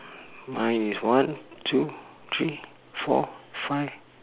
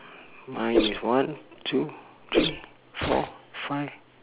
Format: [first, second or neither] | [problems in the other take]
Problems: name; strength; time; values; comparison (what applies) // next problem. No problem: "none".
first | background sound (Whoosh, swoosh, swish); 2 dB below the speech